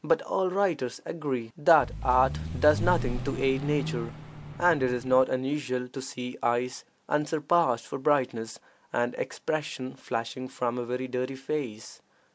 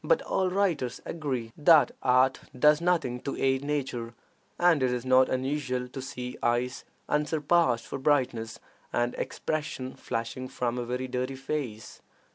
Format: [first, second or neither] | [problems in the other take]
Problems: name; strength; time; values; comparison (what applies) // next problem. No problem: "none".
second | background sound (Vehicle); 5 dB below the speech